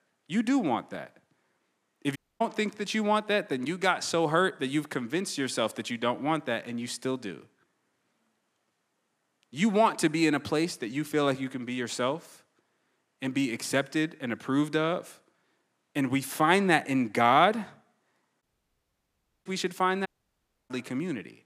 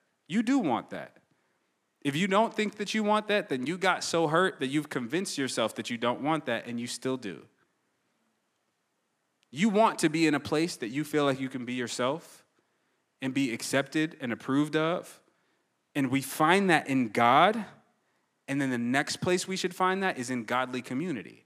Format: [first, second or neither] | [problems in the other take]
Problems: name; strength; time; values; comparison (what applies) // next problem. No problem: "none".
second | audio cutting out; at 2 s, at 18 s for 1 s and at 20 s for 0.5 s